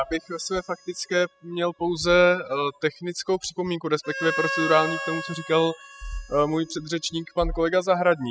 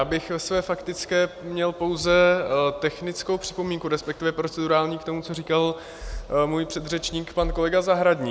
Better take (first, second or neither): second